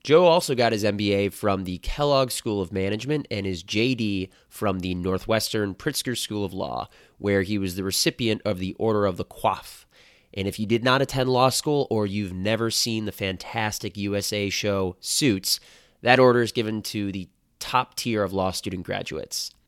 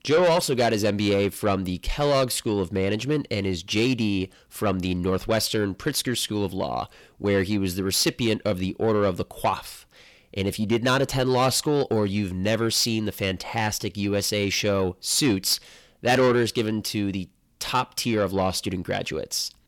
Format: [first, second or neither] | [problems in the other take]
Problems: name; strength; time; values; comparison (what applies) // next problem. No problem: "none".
first | distortion; slight; 10 dB below the speech